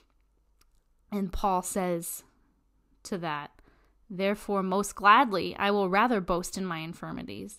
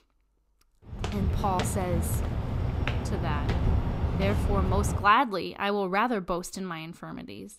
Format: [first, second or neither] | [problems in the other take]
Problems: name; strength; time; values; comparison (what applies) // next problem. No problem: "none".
first | footsteps; loud; from 1 to 5 s; peak 2 dB above the speech